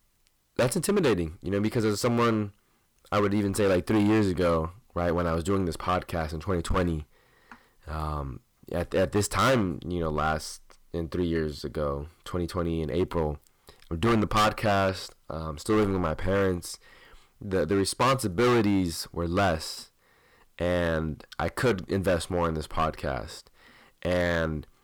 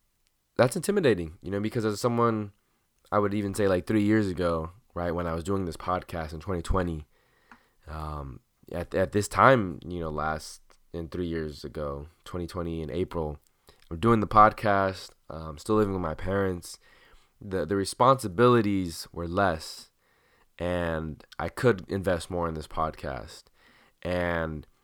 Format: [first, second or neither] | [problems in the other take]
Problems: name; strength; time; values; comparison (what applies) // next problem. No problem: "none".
second | distortion; heavy; 7% of the sound clipped